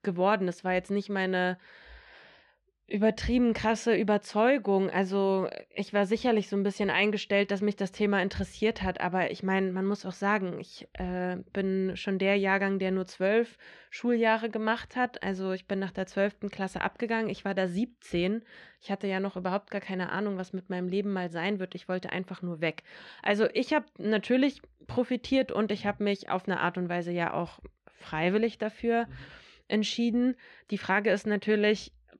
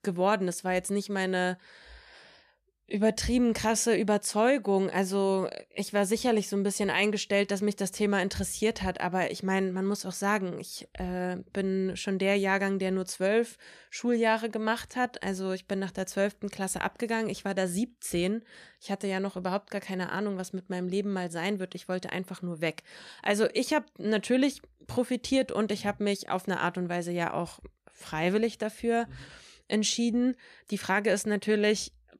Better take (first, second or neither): second